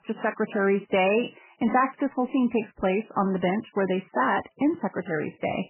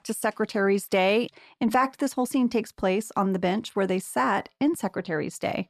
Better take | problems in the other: second | garbled, watery; badly; nothing above 3 kHz

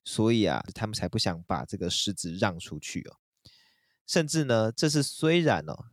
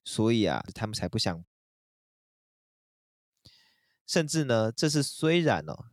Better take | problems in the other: first | audio cutting out; at 1.5 s for 2 s

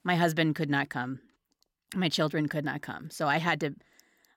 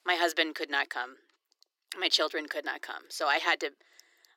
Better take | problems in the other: first | thin; very; fading below 350 Hz

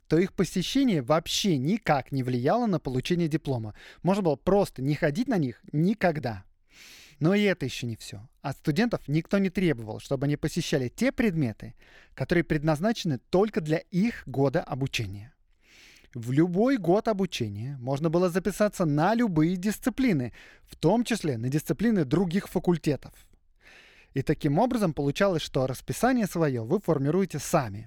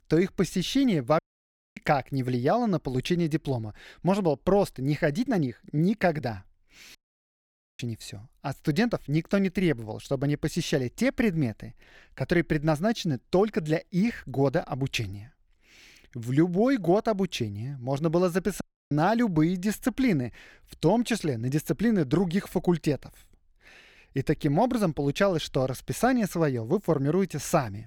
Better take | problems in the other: first | audio cutting out; at 1 s for 0.5 s, at 7 s for 1 s and at 19 s

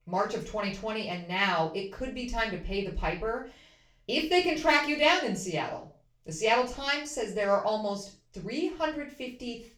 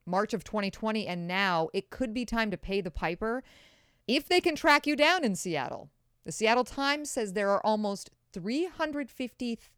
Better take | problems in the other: second | room echo; slight; dies away in 0.3 s // off-mic speech; far

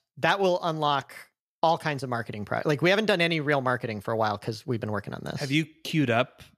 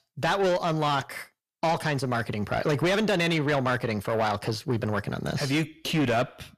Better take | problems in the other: first | distortion; heavy; 7 dB below the speech

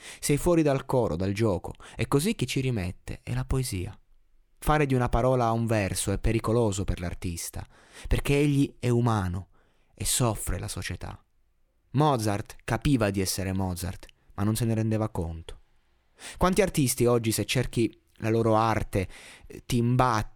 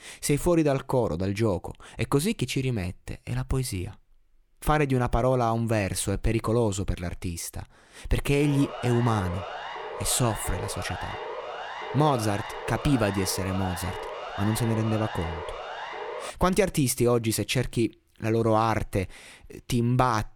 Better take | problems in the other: first | siren; noticeable; from 8.5 to 16 s; peak 8 dB below the speech

